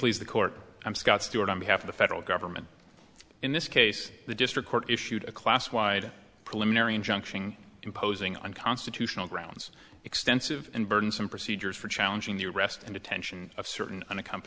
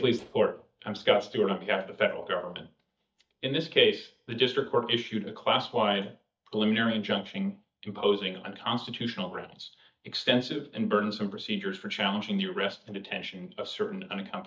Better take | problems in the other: first | noise reduction (neural mask model DeepFilterNet 3)

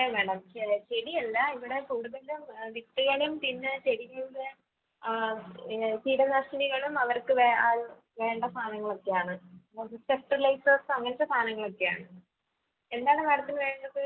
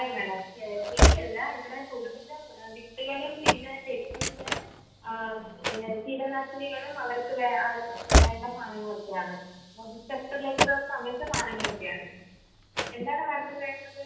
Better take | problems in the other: first | background sound (Slam / Train); 4 dB above the speech // room echo; dies away in 0.8 s

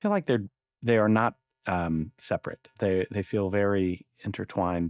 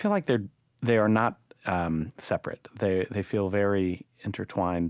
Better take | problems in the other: second | noise reduction (neural mask model DeepFilterNet 3)

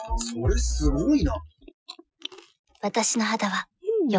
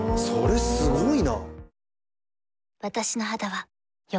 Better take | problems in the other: second | noise reduction (classical method Wiener filter)

